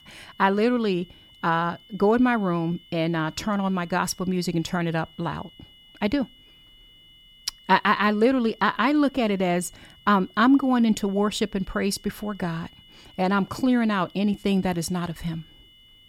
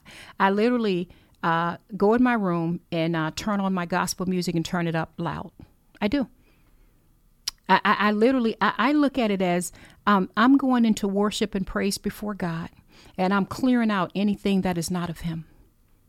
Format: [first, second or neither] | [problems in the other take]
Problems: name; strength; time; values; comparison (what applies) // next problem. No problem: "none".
second | high-pitched whine; faint; throughout; 3 kHz, 25 dB below the speech